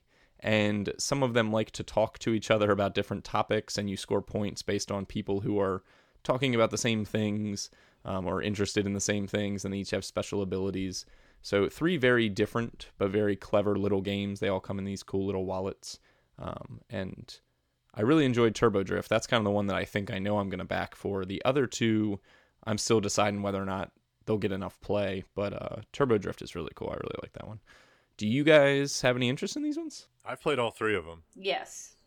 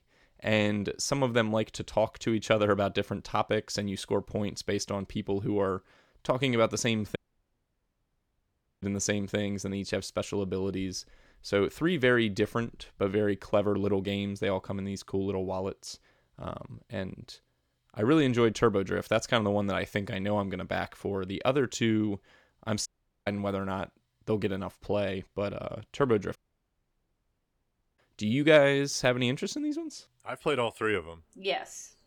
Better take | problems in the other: first | audio cutting out; at 7 s for 1.5 s, at 23 s and at 26 s for 1.5 s

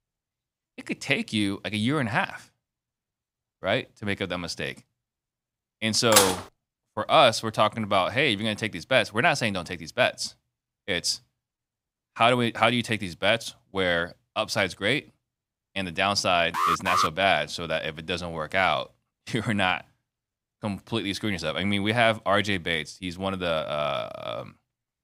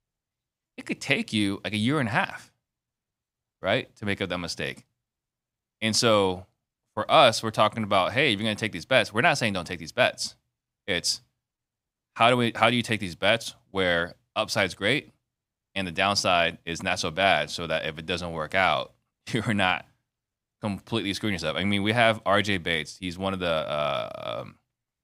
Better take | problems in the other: second | clattering dishes; loud; at 6 s; peak 5 dB above the speech // alarm; loud; at 17 s; peak 2 dB above the speech

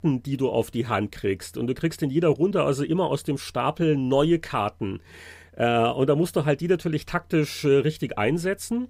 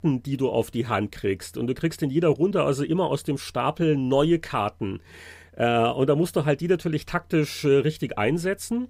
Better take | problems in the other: neither | none

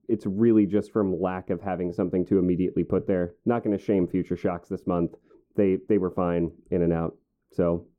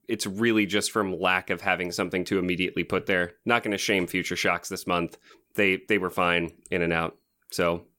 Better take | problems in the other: second | muffled; very; fading above 1 kHz

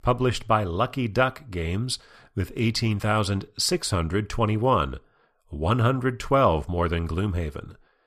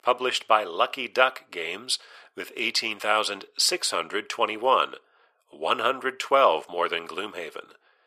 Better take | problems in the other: first | thin; very; fading below 450 Hz

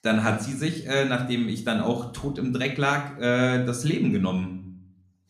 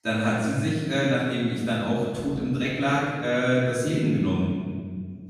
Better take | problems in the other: first | room echo; strong; dies away in 1.8 s; slight in the first // off-mic speech; far

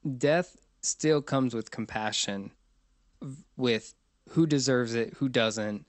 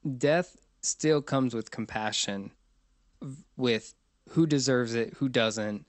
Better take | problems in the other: neither | garbled, watery; slightly; nothing above 8 kHz; the same in both

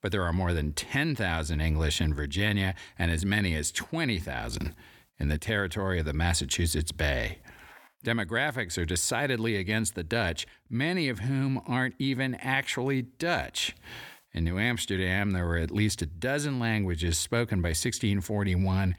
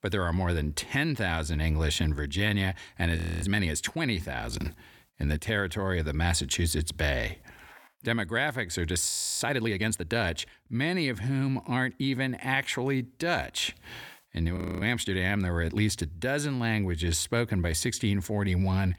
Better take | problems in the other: first | audio freezing; at 3 s, at 9 s and at 15 s

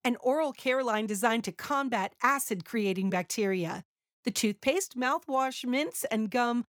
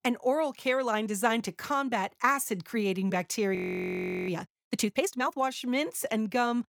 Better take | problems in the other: first | audio freezing; at 3.5 s for 0.5 s

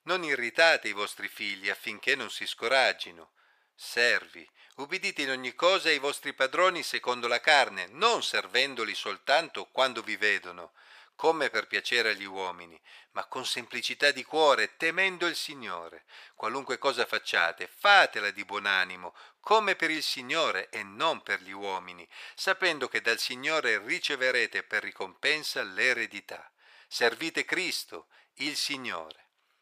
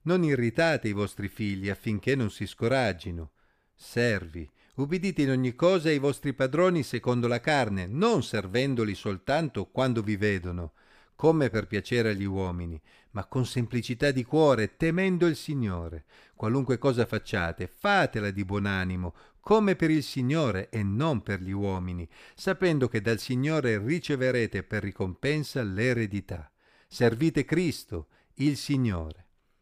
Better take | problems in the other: second | thin; very; fading below 800 Hz

